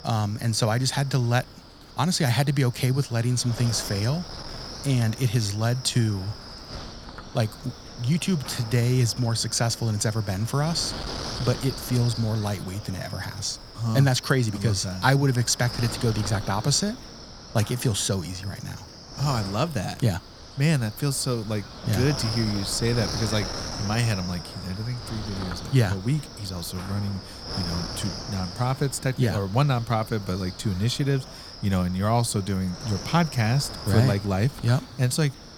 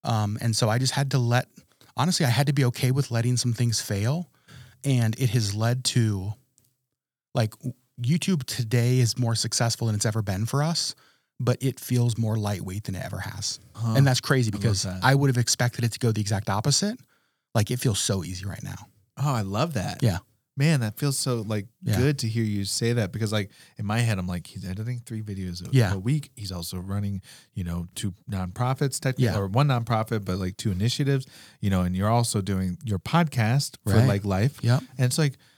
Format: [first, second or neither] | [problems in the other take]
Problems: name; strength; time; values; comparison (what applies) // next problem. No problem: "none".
second | wind noise on the microphone; heavy; 8 dB below the speech